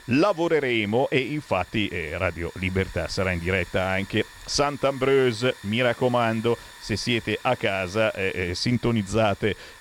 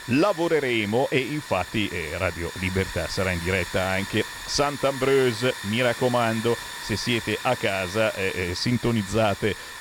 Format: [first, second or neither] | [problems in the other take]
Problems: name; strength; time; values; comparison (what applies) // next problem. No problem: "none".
first | hiss; loud; throughout; 10 dB below the speech; faint in the first